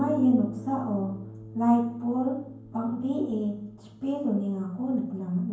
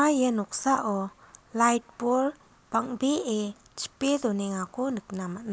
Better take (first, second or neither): second